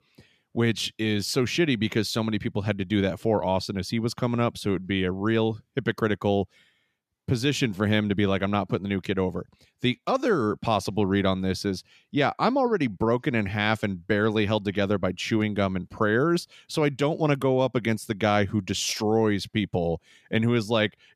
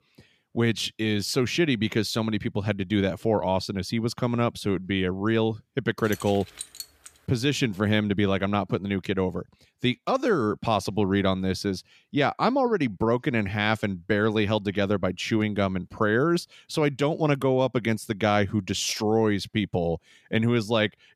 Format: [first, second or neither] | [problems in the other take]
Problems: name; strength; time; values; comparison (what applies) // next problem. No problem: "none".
first | jangling keys; faint; from 6 to 7 s; peak 10 dB below the speech